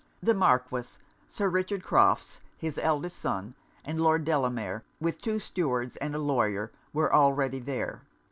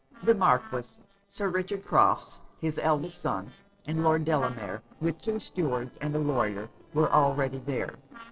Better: first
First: none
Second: noise reduction (neural separator model SepFormer DNS4)

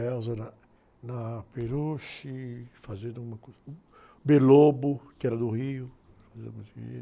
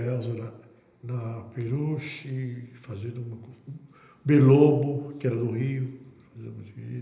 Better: first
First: none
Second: room echo; dies away in 1 s

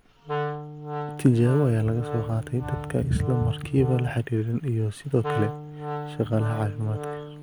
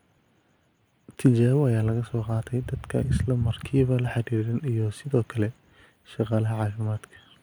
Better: second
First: background sound (Wind instrument, woodwind instrument); 8 dB below the speech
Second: none

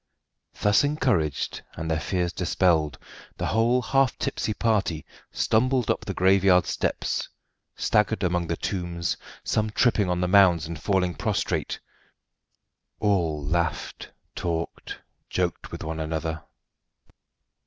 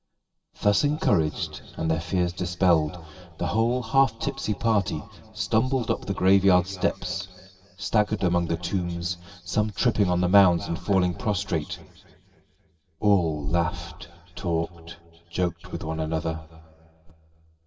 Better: first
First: none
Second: room echo; dies away in 2.4 s

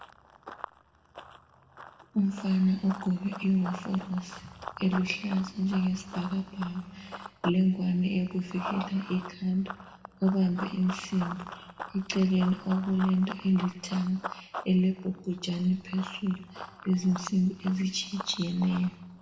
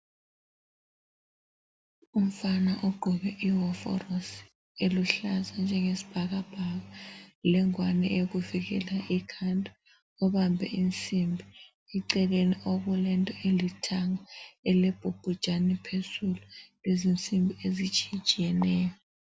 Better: second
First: background sound (Run); 14 dB below the speech // room echo; dies away in 0.9 s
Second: none

